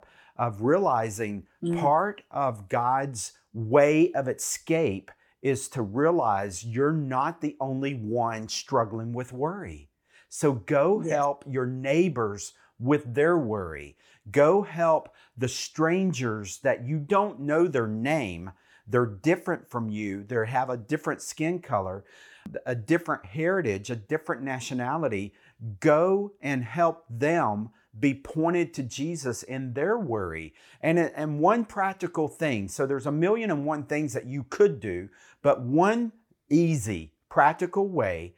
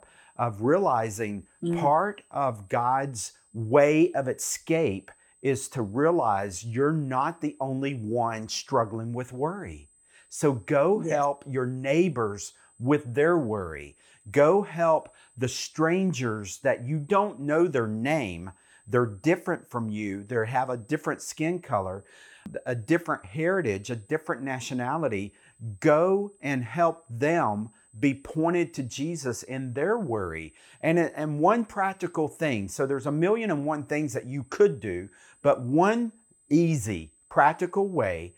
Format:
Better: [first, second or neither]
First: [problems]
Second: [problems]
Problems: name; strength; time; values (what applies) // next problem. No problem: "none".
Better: first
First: none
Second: high-pitched whine; faint; throughout; 8 kHz, 35 dB below the speech